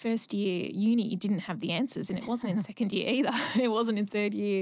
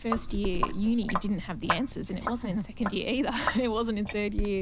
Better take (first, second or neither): first